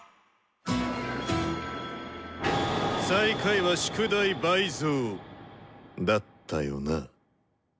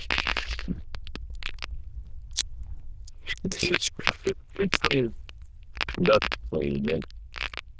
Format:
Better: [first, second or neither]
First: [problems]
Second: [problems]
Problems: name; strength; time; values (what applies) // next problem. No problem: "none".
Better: first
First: none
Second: noise reduction (neural diffusion model UNIVERSE++)